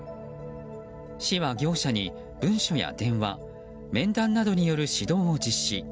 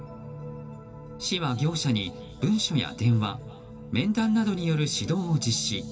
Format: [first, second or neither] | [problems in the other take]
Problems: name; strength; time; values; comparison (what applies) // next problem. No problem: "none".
first | room echo; dies away in 2.7 s